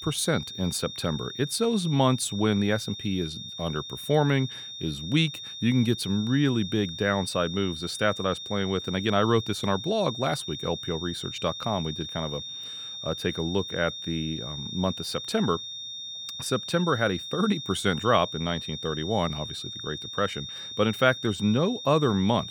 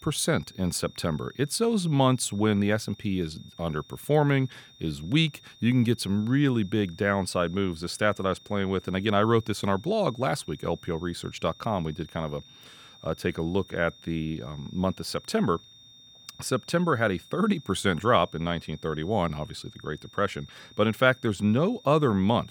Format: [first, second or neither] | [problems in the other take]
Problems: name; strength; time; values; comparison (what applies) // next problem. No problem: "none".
second | high-pitched whine; loud; throughout; 3.5 kHz, 8 dB below the speech; faint in the second